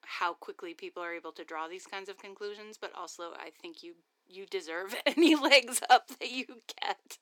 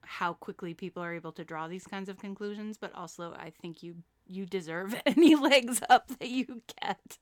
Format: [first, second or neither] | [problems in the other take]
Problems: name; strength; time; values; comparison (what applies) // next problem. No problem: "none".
second | thin; very slightly; fading below 300 Hz